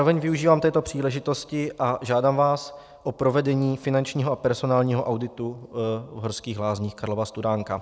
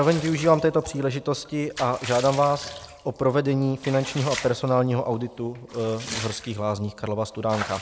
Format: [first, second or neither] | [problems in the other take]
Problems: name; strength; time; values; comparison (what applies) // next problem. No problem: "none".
first | background sound (Bathtub (filling or washing) / Water / Liquid); 15 dB below the speech